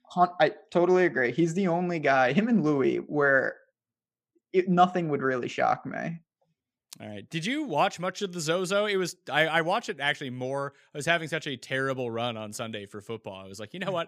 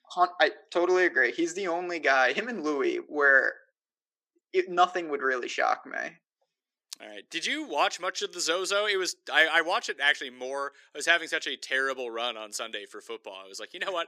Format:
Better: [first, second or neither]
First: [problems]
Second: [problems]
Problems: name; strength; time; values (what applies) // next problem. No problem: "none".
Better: first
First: none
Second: thin; somewhat; fading below 350 Hz